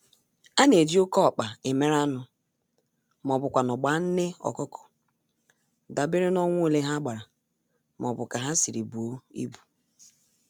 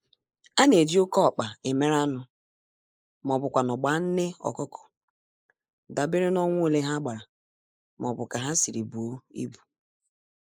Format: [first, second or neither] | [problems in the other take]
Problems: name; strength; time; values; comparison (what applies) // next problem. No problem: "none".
first | noise reduction (neural mask model Resemble Enhance denoiser)